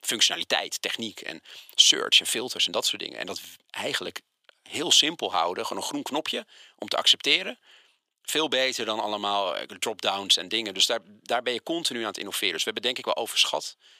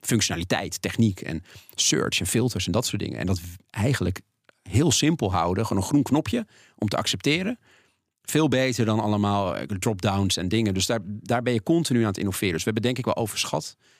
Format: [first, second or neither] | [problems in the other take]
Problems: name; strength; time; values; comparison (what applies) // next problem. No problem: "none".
second | thin; very; fading below 550 Hz